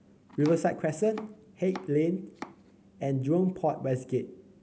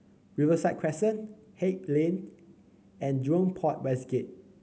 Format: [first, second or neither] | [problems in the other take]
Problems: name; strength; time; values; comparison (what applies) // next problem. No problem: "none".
second | background sound (Domestic sounds, home sounds); 19 dB below the speech